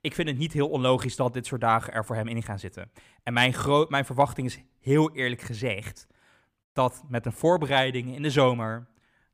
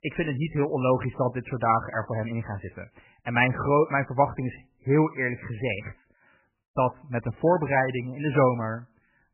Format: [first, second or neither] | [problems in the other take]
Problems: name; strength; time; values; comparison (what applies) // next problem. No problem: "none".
first | garbled, watery; badly; nothing above 3 kHz